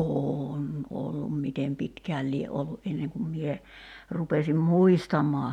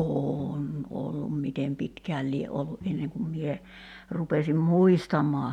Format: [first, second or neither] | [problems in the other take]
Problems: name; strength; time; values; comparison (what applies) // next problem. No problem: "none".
first | background sound (Bowed string instrument); 19 dB below the speech